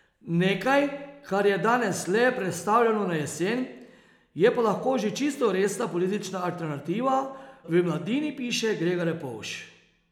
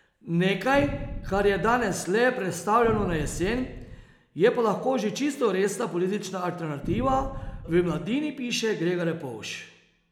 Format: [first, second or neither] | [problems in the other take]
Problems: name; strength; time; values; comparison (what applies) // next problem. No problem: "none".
first | background sound (Boom); 10 dB below the speech